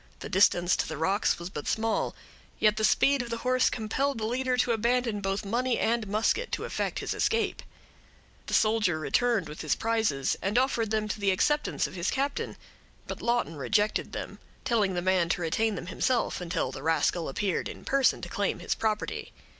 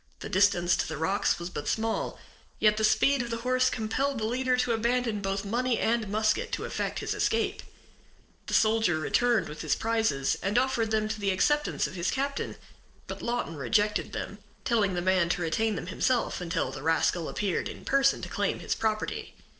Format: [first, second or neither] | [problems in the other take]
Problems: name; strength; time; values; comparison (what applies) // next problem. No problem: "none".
first | noise reduction (neural separator model SepFormer DNS4)